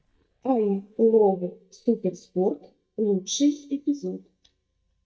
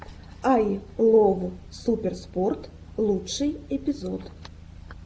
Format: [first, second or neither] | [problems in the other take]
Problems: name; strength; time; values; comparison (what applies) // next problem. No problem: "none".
second | noise reduction (neural mask model DeepFilterNet 3)